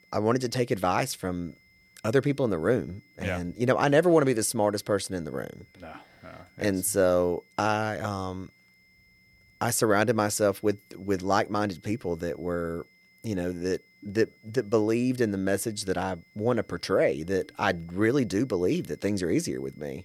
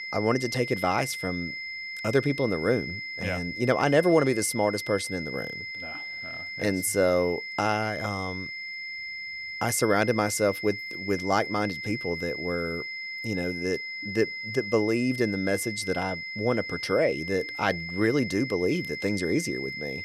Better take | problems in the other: first | high-pitched whine; loud; throughout; 2 kHz, 7 dB below the speech; faint in the first

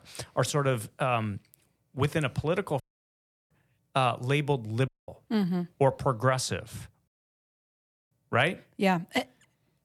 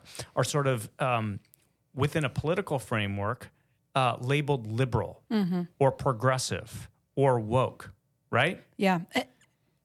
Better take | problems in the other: second | audio cutting out; at 3 s for 0.5 s, at 5 s and at 7 s for 1 s

